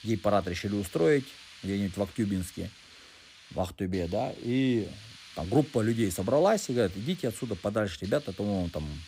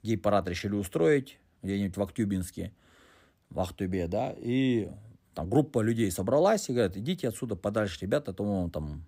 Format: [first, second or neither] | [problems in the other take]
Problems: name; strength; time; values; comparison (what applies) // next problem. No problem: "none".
second | hiss; noticeable; throughout; 20 dB below the speech